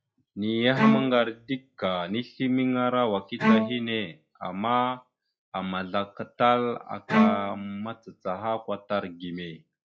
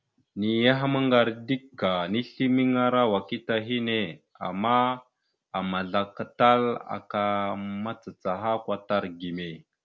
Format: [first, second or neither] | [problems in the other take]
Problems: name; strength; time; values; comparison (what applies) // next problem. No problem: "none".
second | noise reduction (classical method log-MMSE)